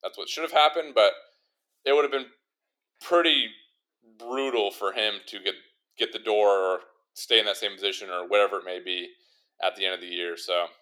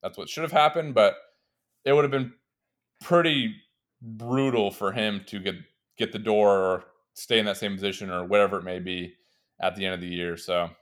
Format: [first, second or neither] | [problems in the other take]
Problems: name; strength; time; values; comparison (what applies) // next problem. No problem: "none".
second | thin; somewhat; fading below 300 Hz